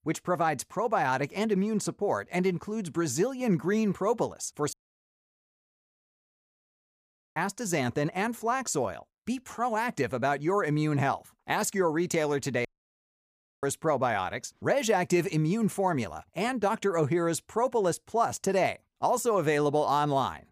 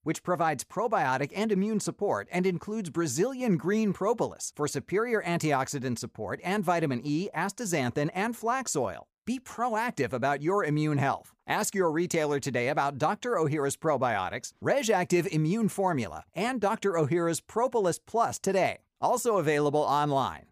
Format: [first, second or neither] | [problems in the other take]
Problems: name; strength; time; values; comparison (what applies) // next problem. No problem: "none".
second | audio cutting out; at 4.5 s for 2.5 s and at 13 s for 1 s